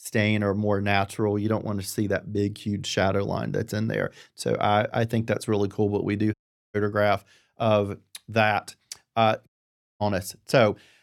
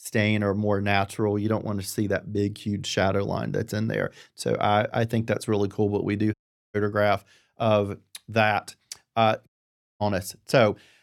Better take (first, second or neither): neither